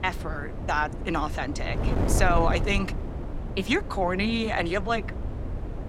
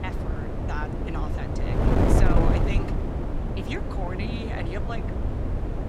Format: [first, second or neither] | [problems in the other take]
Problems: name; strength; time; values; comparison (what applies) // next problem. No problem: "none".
first | wind noise on the microphone; heavy; 3 dB above the speech; occasional gusts in the first